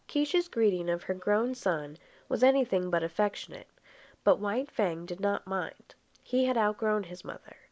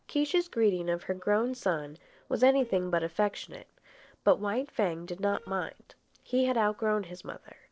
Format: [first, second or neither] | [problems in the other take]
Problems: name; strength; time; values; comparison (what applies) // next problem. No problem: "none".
first | noise reduction (neural separator model SepFormer DNS4)